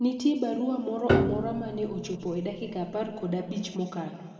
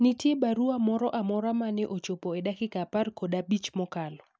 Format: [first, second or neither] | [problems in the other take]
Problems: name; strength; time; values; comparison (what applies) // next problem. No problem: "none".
second | background sound (Piano); 2 dB below the speech // room echo; dies away in 2.1 s